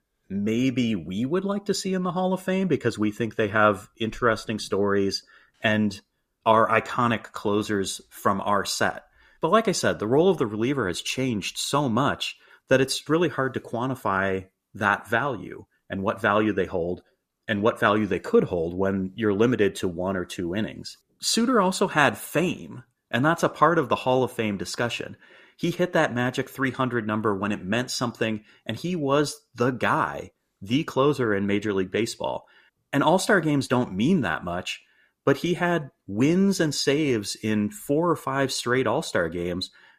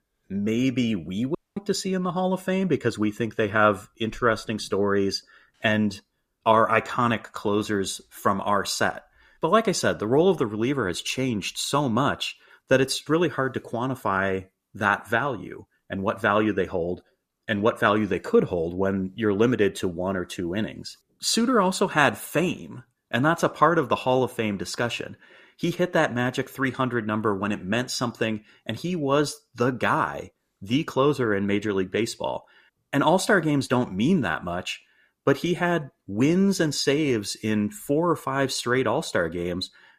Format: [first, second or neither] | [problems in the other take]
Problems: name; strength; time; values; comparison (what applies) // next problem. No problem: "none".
first | audio cutting out; at 1.5 s